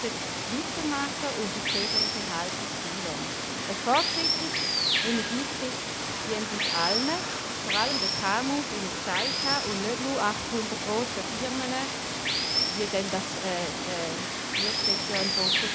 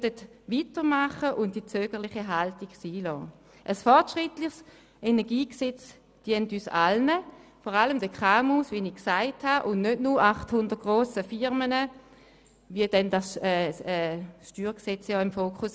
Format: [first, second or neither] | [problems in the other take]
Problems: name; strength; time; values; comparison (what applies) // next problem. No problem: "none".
second | background sound (Water); 3 dB above the speech